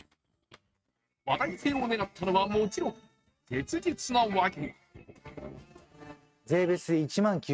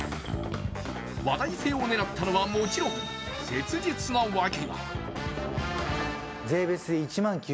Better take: second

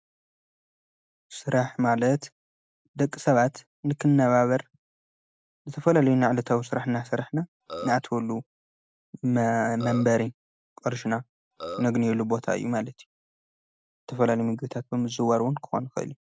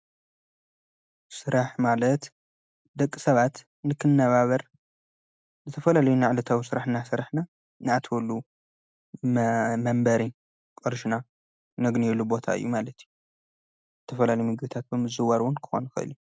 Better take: second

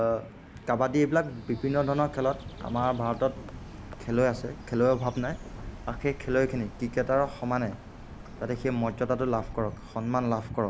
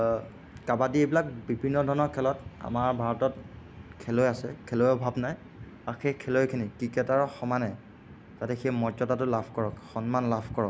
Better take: second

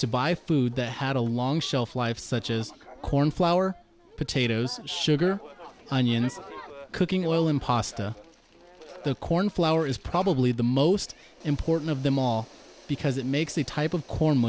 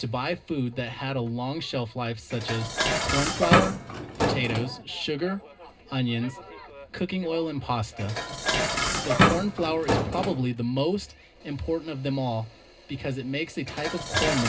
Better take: first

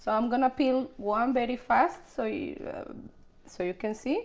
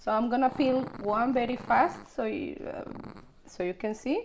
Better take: first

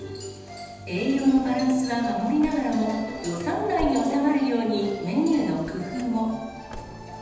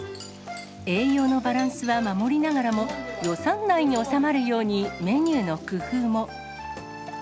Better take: second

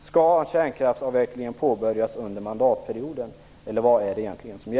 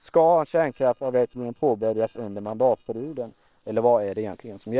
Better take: first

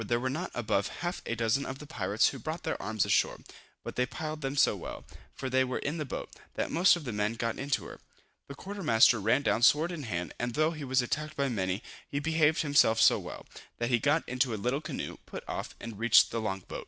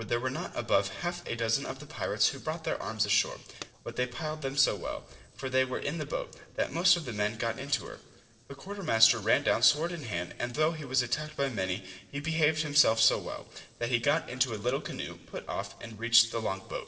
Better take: first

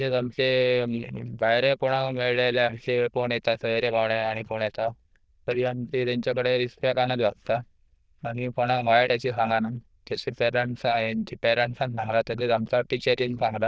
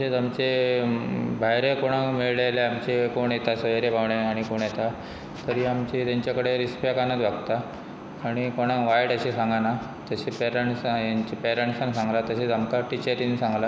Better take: second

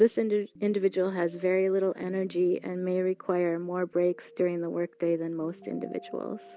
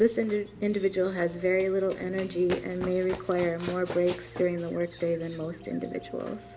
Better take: first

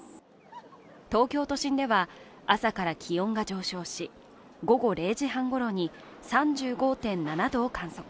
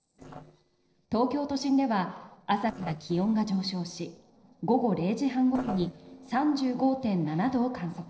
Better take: first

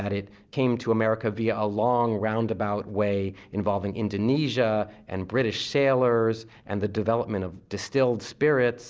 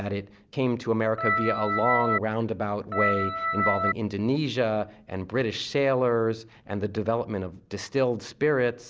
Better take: first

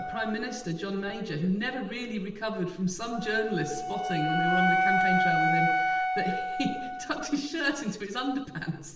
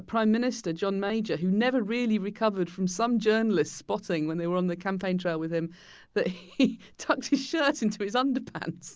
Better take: second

